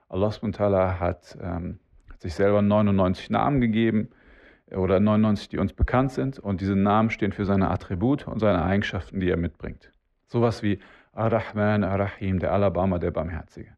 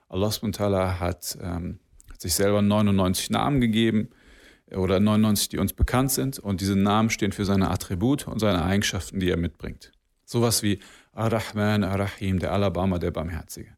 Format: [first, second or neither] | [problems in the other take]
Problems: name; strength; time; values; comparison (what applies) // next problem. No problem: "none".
second | muffled; very; fading above 2 kHz